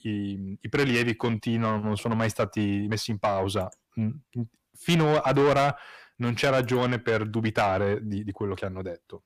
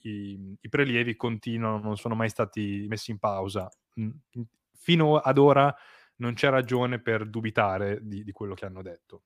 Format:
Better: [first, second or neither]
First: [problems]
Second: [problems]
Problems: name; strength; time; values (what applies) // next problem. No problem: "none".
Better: second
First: distortion; heavy; 6 dB below the speech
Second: none